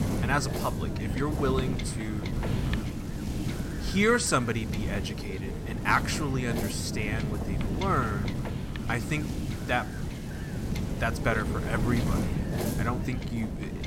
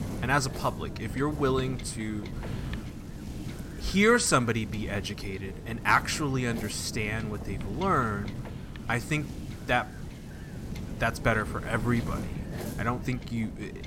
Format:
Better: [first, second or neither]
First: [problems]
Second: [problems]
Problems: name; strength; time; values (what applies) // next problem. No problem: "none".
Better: second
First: wind noise on the microphone; heavy; 8 dB below the speech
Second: wind noise on the microphone; occasional gusts; 15 dB below the speech